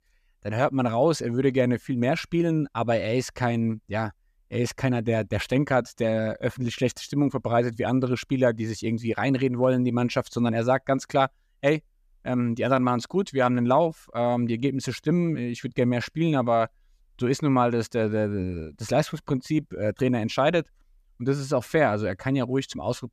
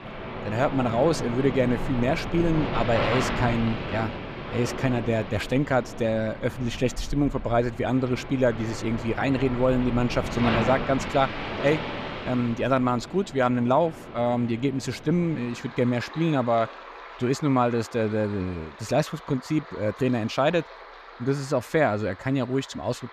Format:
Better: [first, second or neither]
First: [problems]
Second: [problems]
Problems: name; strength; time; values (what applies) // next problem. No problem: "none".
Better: first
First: none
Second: rain or running water; loud; throughout; 9 dB below the speech